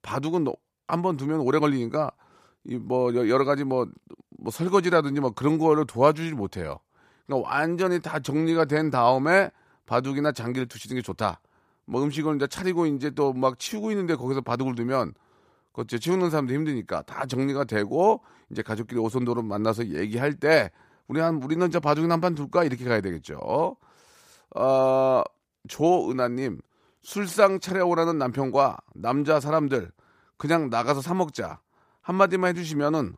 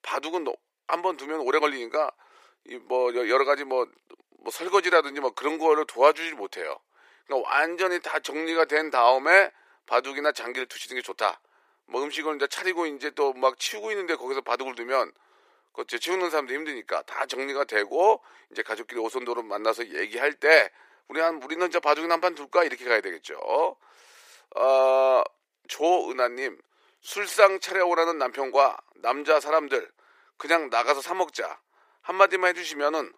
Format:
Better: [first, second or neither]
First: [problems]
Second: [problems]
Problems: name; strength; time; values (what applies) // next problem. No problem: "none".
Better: first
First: none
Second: thin; very; fading below 400 Hz